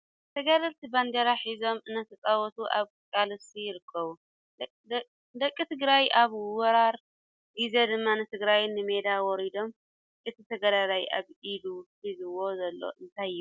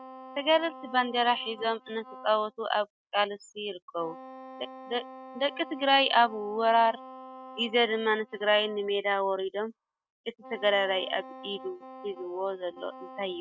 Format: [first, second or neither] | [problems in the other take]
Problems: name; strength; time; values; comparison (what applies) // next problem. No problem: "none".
first | noise reduction (neural mask model RNNoise)